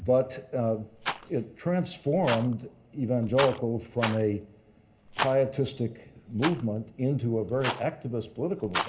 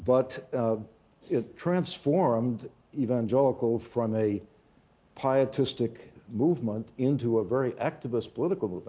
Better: second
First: background sound (Rattle); 9 dB below the speech // room echo; dies away in 0.4 s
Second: none

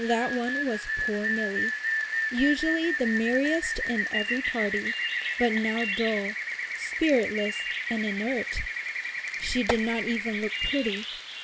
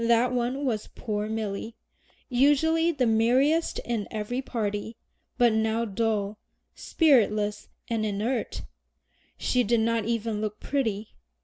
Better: second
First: background sound (Tap + Rain); 1 dB below the speech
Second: none

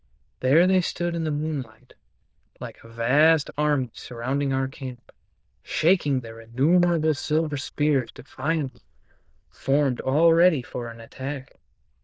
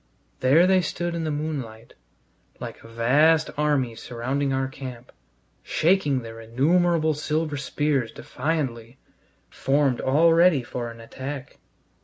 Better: second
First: noise reduction (neural diffusion model UNIVERSE++)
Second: none

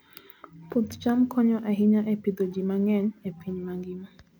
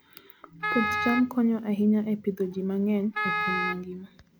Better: first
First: none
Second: background sound (Wind instrument, woodwind instrument); 3 dB below the speech

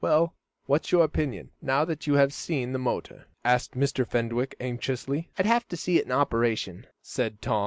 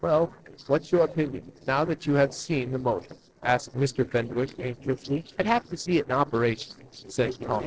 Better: first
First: none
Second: noise reduction (neural separator model SepFormer DNS4)

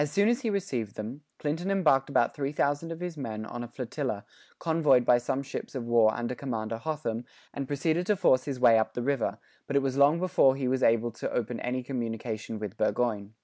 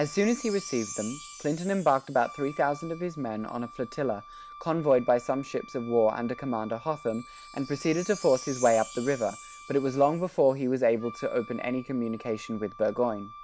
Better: first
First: none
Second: background sound (Wind instrument, woodwind instrument + Wind chime); 17 dB below the speech

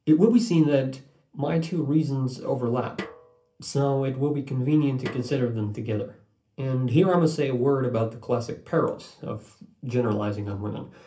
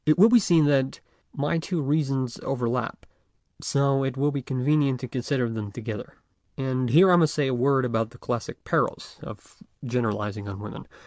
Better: second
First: background sound (Snare drum); 17 dB below the speech // room echo; dies away in 0.3 s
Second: none

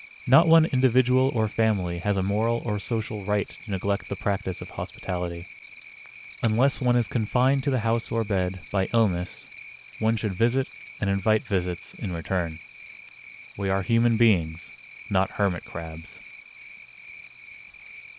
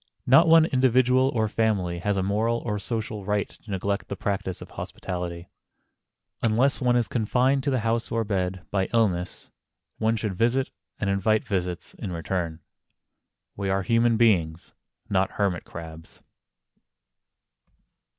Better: second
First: background sound (Cricket); 19 dB below the speech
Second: none

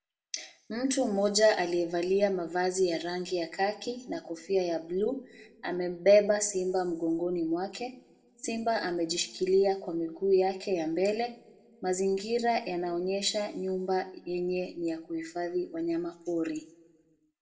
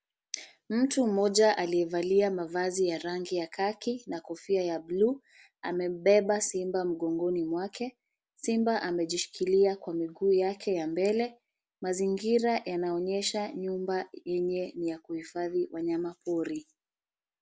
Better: second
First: room echo; dies away in 0.6 s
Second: none

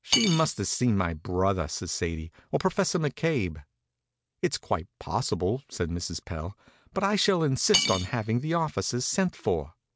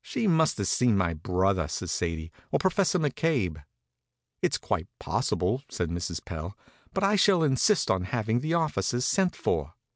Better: second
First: background sound (Cutlery, silverware / Dishes, pots, and pans); 3 dB below the speech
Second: none

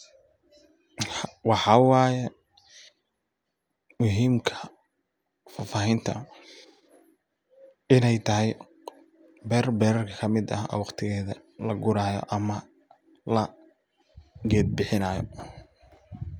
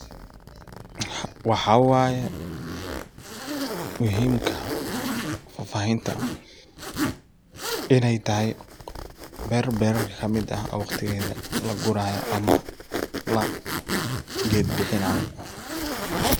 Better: first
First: none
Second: background sound (Zipper (clothing)); 4 dB below the speech

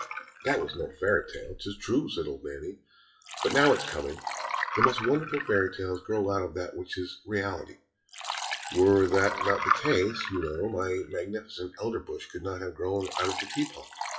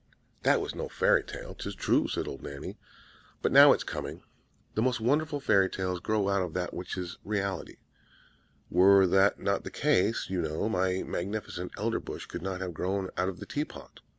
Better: second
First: noise reduction (classical method WPE with log-MMSE)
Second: none

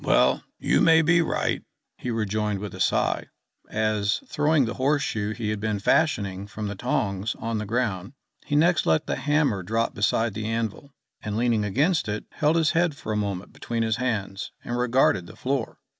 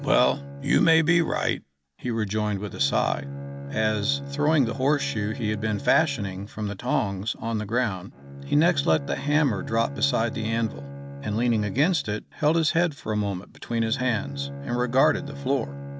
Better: first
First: none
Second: background sound (Bowed string instrument); 11 dB below the speech

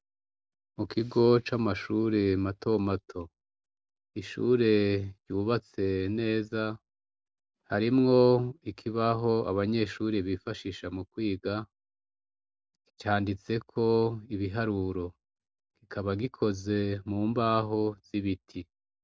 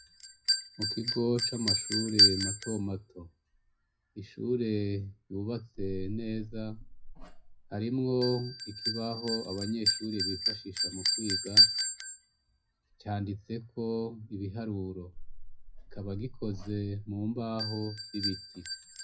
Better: first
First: none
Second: noise reduction (classical method WPE with log-MMSE)

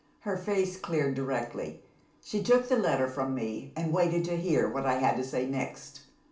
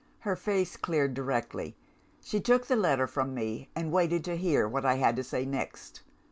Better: second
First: room echo; dies away in 0.4 s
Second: none

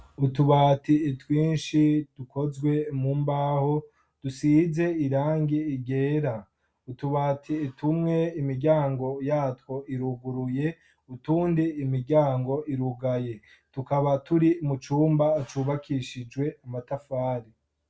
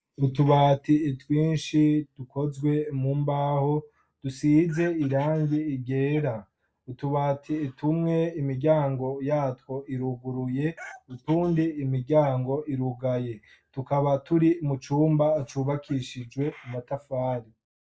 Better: first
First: none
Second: noise reduction (neural mask model Resemble Enhance denoiser)

